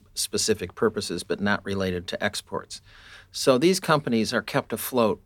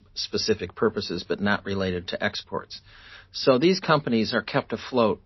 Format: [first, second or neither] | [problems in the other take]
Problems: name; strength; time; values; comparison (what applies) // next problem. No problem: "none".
first | garbled, watery; slightly; nothing above 5.5 kHz